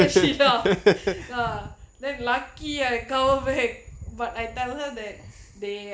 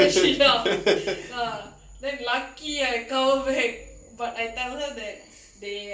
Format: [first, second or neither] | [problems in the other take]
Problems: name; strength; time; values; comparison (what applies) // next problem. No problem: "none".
first | room echo; dies away in 0.3 s